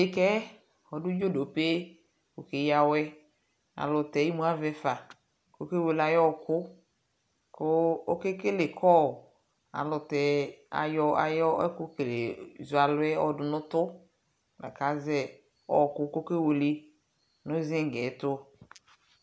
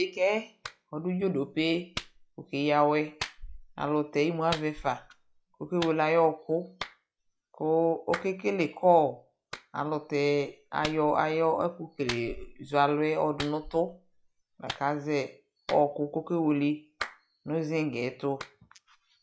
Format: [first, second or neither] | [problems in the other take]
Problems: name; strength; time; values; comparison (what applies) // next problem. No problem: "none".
first | noise reduction (classical method log-MMSE)